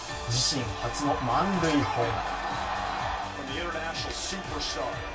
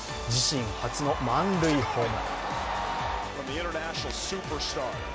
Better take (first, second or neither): second